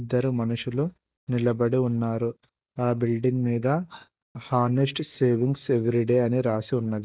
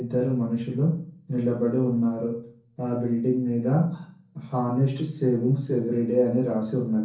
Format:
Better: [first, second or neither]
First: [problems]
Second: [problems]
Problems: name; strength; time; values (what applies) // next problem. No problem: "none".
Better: first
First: none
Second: room echo; dies away in 0.6 s